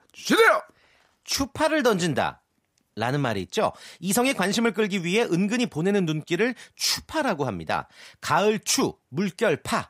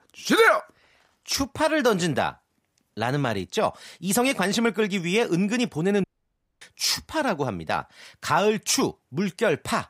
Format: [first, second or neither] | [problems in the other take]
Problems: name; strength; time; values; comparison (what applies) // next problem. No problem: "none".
first | audio cutting out; at 6 s for 0.5 s